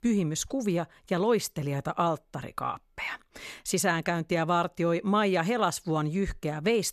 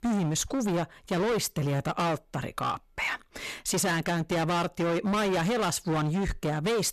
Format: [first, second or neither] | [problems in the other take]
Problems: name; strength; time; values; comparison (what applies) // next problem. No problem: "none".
first | distortion; heavy; 27% of the sound clipped